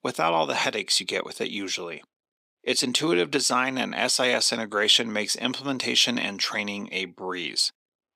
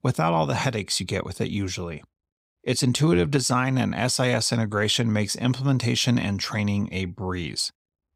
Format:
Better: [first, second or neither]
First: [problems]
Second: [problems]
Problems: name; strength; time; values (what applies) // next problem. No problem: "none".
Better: second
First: thin; somewhat; fading below 300 Hz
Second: none